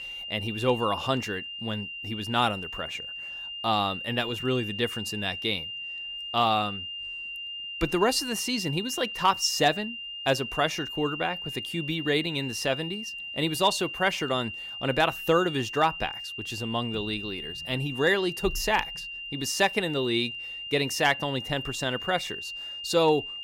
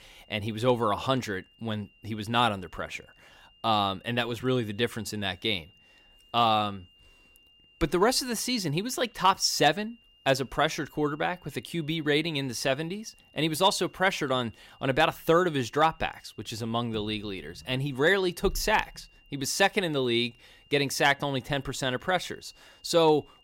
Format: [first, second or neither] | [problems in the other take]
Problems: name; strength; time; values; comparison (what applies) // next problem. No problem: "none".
second | high-pitched whine; loud; throughout; 3 kHz, 7 dB below the speech; faint in the second